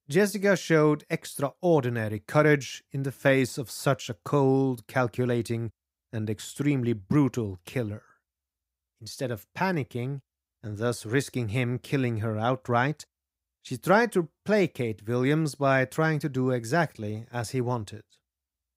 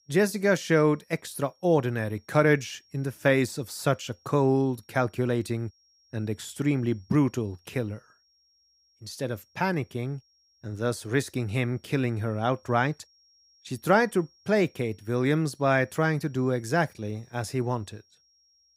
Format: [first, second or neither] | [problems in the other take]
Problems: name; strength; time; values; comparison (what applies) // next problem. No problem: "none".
first | high-pitched whine; faint; throughout; 5.5 kHz, 35 dB below the speech